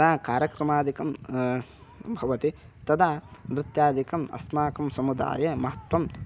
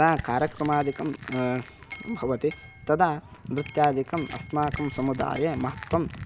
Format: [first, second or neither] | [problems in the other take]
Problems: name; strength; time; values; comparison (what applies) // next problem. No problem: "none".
first | background sound (Crushing + Chink, clink); 16 dB below the speech